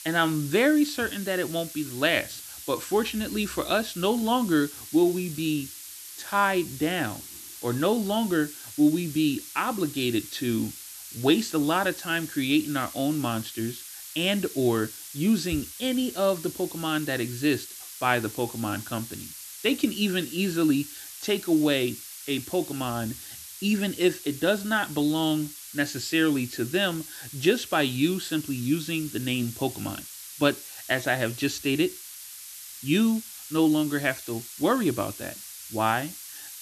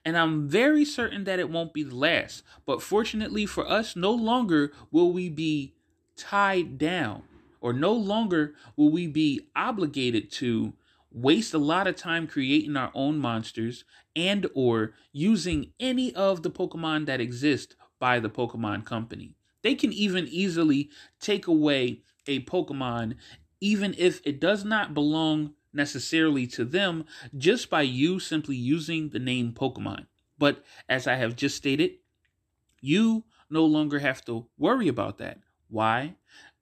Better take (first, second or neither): second